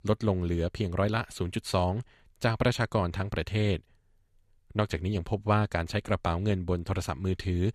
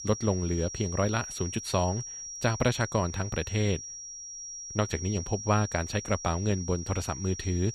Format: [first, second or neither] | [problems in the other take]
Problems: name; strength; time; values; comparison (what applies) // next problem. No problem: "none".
first | high-pitched whine; loud; throughout; 5.5 kHz, 8 dB below the speech